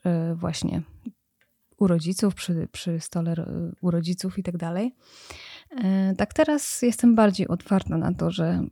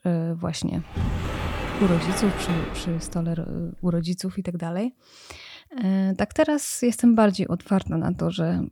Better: first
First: none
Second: door banging; noticeable; from 1 to 4 s; peak 3 dB below the speech

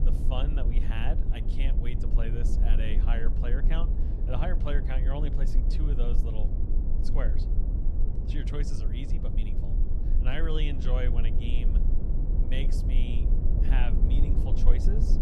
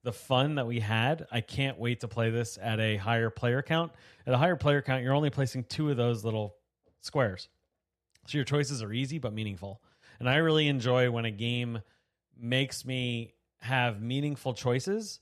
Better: second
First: low rumble; loud; throughout; 5 dB below the speech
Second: none

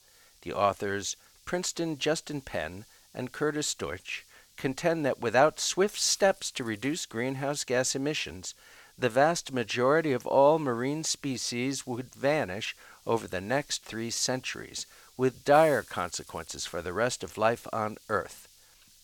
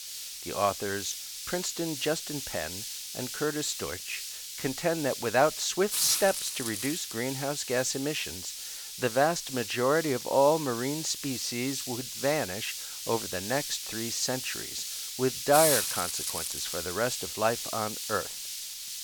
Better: first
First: hiss; faint; throughout; 25 dB below the speech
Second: hiss; loud; throughout; 4 dB below the speech

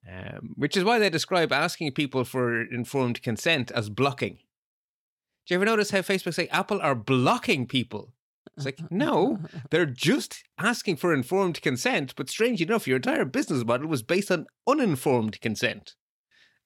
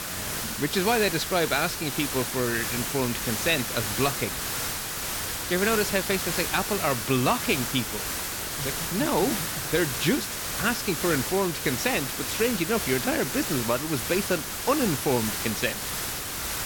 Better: first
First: none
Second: hiss; loud; throughout; 2 dB below the speech

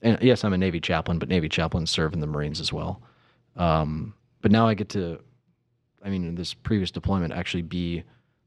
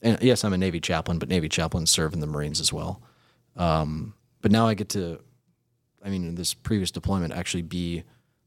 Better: second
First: muffled; very slightly; fading above 3 kHz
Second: none

